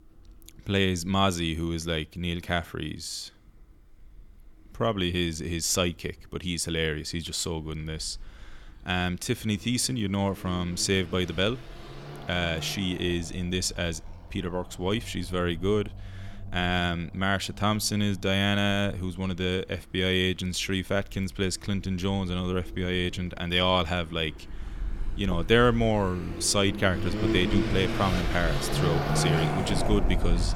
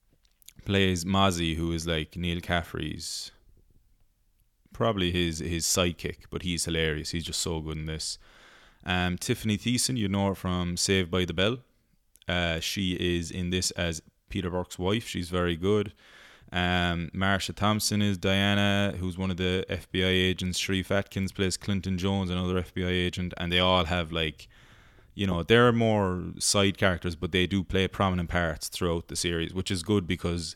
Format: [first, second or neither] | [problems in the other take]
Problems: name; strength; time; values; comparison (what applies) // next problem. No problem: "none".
second | traffic noise; loud; throughout; 6 dB below the speech